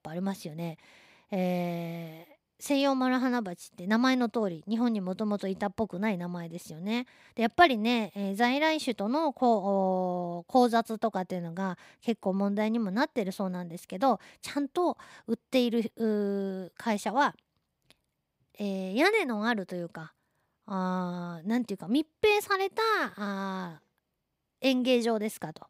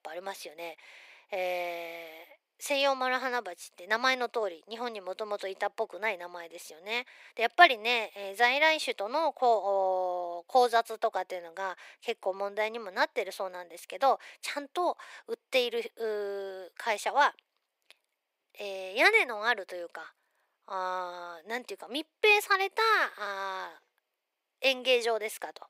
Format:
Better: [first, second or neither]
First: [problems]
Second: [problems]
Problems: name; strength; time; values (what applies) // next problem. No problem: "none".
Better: first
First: none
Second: thin; very; fading below 450 Hz